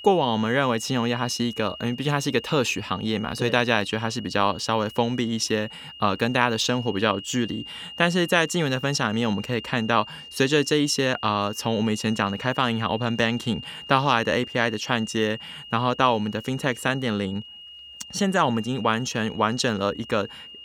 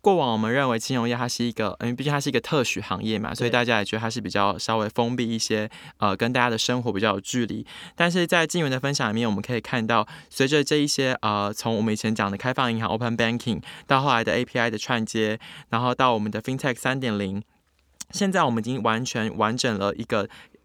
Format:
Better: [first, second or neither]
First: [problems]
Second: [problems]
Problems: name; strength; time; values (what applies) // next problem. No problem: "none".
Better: second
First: high-pitched whine; noticeable; throughout; 3 kHz, 15 dB below the speech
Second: none